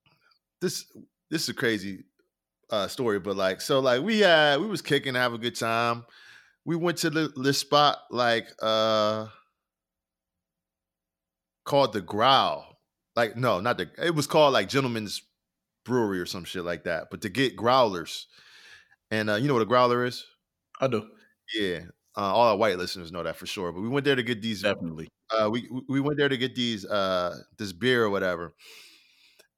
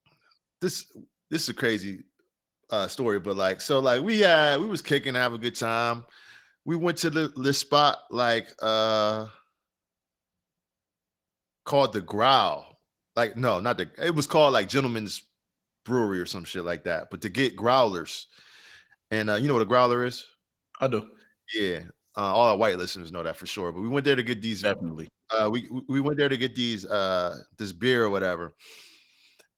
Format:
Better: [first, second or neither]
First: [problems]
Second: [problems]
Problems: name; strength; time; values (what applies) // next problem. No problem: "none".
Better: first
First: none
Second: garbled, watery; slightly; nothing above 18.5 kHz